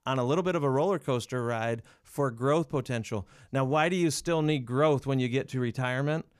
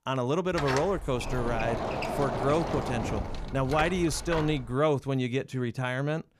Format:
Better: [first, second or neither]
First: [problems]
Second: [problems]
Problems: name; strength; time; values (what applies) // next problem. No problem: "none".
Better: first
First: none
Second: door banging; noticeable; from 0.5 to 4.5 s; peak 2 dB below the speech